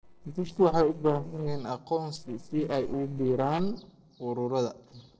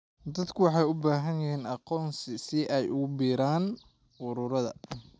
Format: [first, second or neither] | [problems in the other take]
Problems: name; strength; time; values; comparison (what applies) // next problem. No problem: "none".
second | noise reduction (neural separator model SepFormer DNS4)